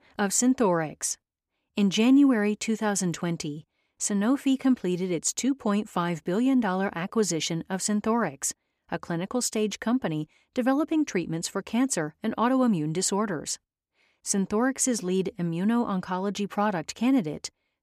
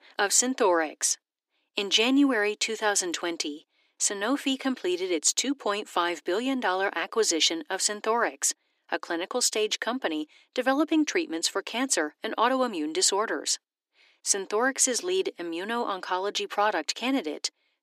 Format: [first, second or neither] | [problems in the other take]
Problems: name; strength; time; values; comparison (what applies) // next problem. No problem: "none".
first | thin; somewhat; fading below 300 Hz